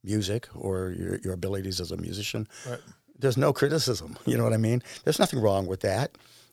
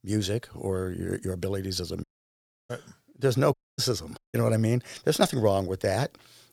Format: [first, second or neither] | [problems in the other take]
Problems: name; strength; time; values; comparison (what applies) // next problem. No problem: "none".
first | audio cutting out; at 2 s for 0.5 s, at 3.5 s and at 4 s